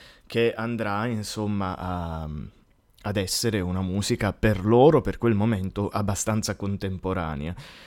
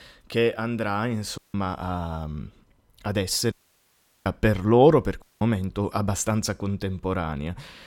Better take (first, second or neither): first